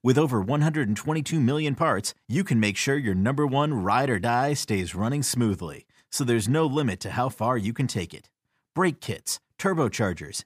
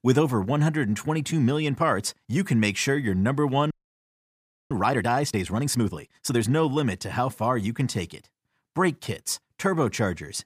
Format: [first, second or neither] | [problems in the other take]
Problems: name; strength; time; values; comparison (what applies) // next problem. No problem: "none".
first | audio freezing; at 3.5 s for 1 s